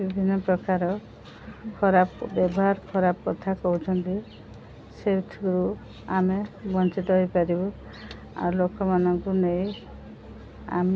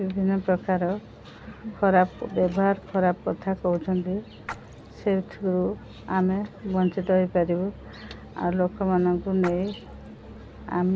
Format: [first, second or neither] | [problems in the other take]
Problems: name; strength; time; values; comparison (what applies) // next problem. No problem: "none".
first | background sound (Splash, splatter); 18 dB below the speech